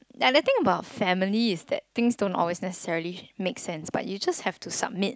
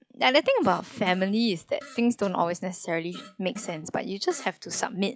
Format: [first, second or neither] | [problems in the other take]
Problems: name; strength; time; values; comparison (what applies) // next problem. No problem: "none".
first | noise reduction (classical method log-MMSE)